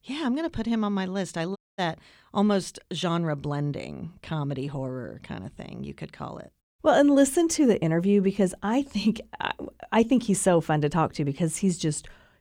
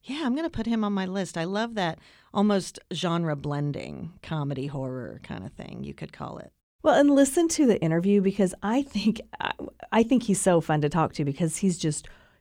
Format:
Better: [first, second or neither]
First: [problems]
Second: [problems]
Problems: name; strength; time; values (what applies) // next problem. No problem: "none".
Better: second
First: audio cutting out; at 1.5 s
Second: none